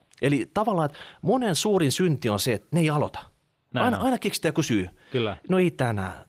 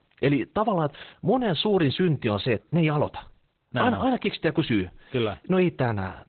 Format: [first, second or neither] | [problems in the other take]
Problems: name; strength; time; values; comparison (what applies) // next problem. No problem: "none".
first | garbled, watery; badly; nothing above 4 kHz; slightly in the first